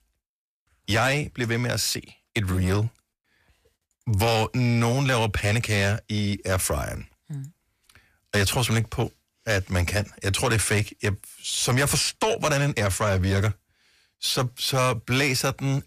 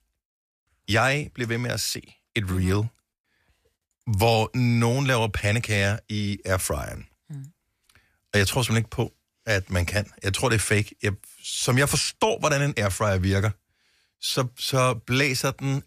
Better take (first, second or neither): second